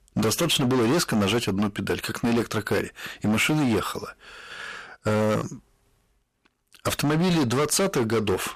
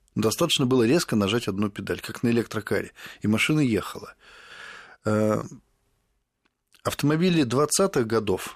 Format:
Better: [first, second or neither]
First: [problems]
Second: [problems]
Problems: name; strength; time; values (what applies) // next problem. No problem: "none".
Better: second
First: distortion; heavy; 19% of the sound clipped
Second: none